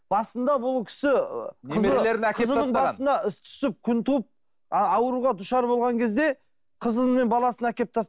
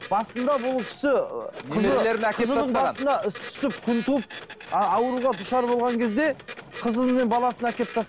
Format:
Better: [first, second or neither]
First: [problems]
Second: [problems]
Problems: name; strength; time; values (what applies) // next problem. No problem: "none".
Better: first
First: none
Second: background sound (Printer); 16 dB below the speech